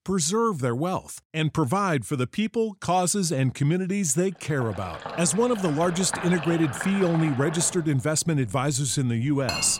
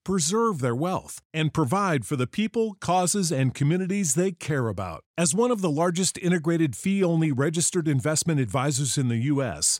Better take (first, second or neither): second